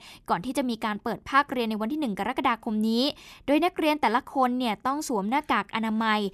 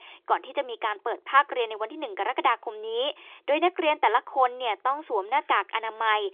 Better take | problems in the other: first | phone-call audio; nothing above 3.5 kHz

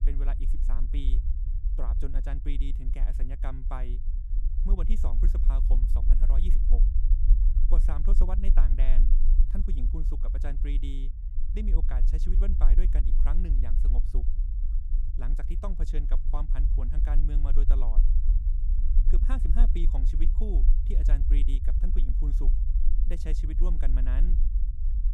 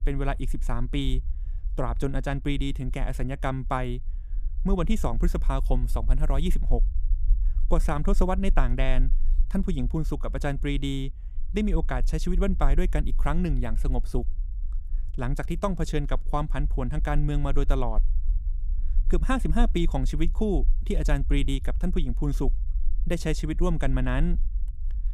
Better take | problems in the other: second | low rumble; loud; throughout; 6 dB below the speech; faint in the second

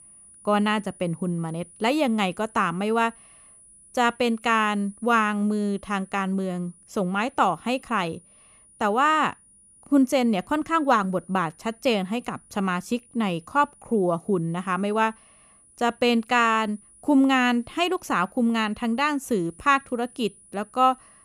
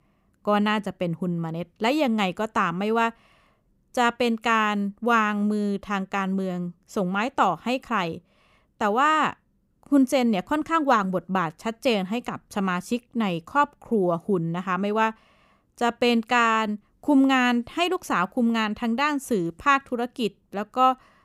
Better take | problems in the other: second | high-pitched whine; faint; throughout; 10 kHz, 25 dB below the speech

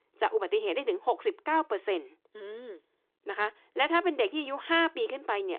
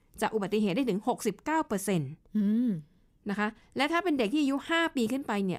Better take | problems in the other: second | phone-call audio

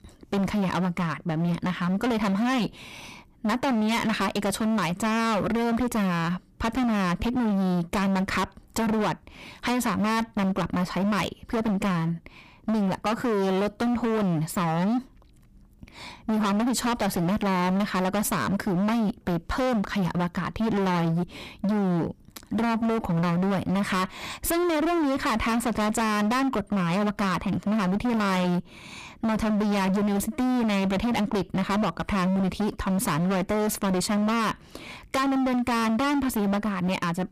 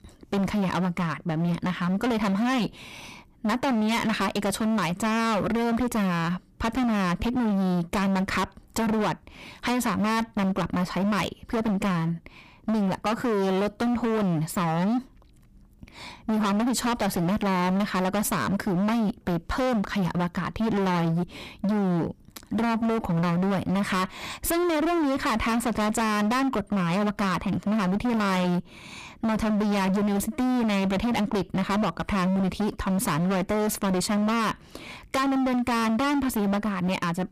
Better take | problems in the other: neither | distortion; heavy; 35% of the sound clipped; the same in both

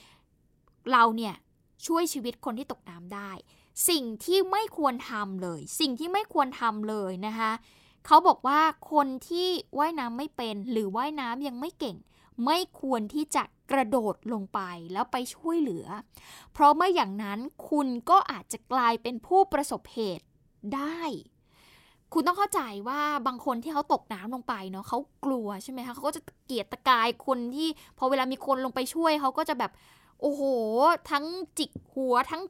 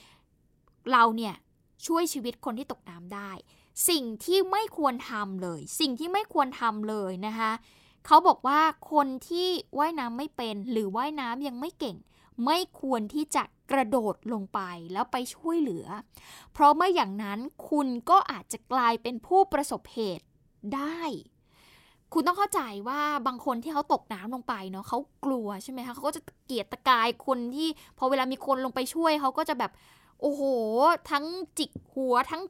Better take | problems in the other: neither | none

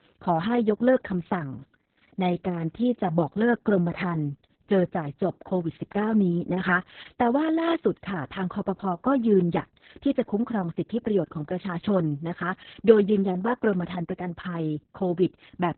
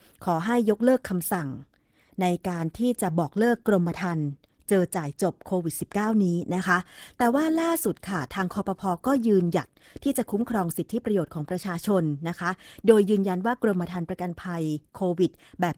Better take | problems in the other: second | garbled, watery; badly; nothing above 4 kHz; slightly in the second

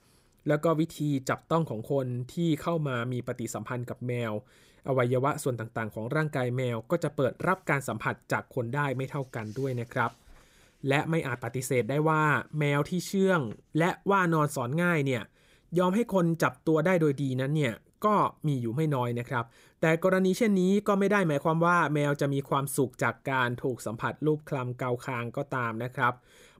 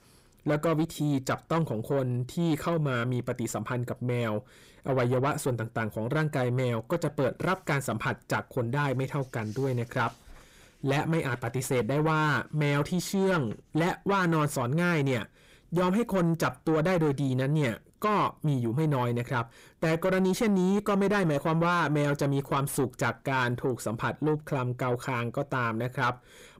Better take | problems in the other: first | distortion; slight; 10 dB below the speech

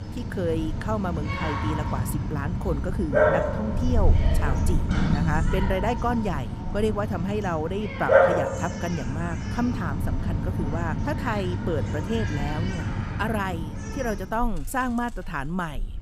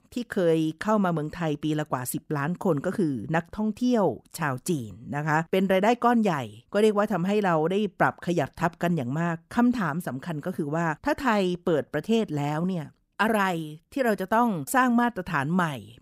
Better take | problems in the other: second | animal sounds; very loud; throughout; 3 dB above the speech

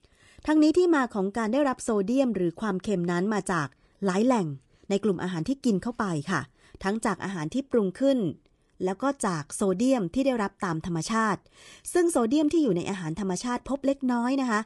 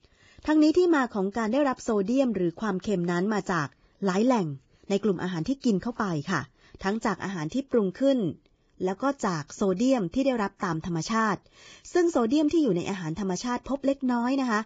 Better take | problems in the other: first | garbled, watery; badly; nothing above 7.5 kHz; slightly in the first

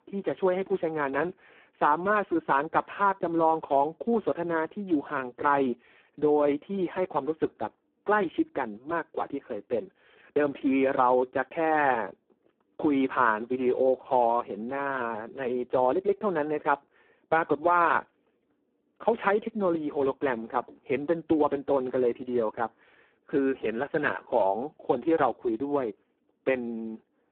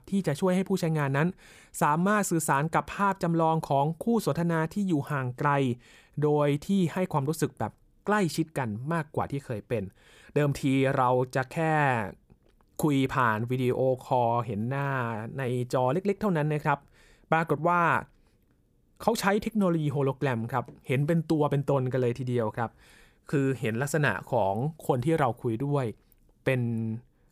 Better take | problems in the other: second | phone-call audio; poor line; nothing above 3.5 kHz

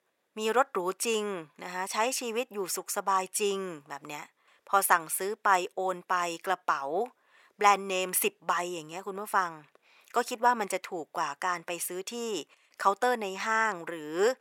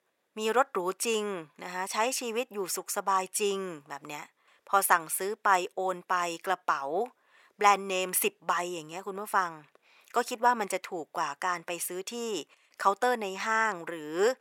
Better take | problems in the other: neither | thin; very; fading below 750 Hz; the same in both

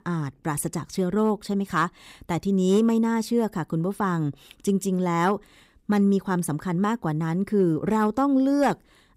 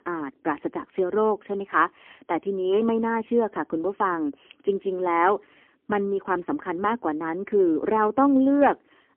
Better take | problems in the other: first | phone-call audio; poor line; nothing above 3 kHz

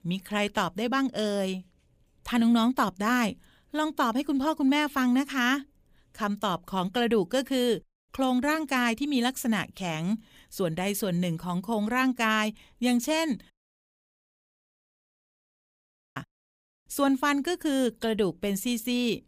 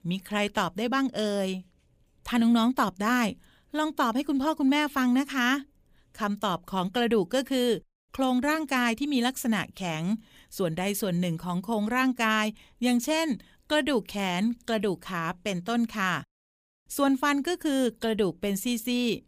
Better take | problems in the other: second | audio cutting out; at 14 s for 2.5 s

